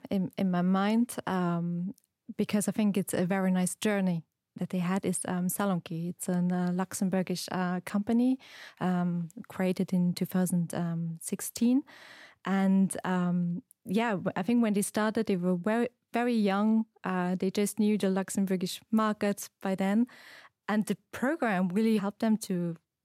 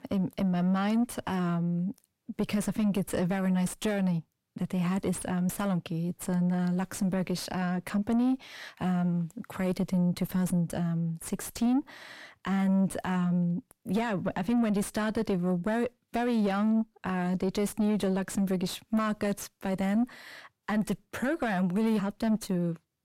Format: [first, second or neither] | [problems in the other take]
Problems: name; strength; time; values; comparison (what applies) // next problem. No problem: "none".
first | distortion; slight; 9 dB below the speech